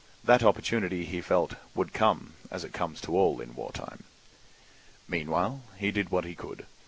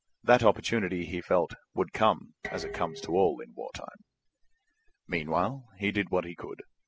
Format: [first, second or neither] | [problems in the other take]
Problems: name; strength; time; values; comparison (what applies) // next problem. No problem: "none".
first | noise reduction (classical method spectral subtraction)